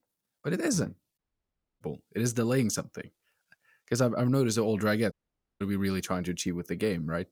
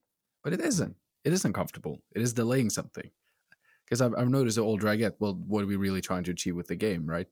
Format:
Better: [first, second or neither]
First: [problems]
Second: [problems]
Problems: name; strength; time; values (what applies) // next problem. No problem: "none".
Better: second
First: audio cutting out; at 1 s for 0.5 s and at 5 s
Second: none